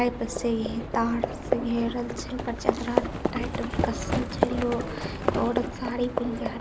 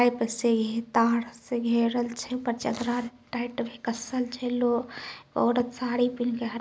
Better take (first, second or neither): second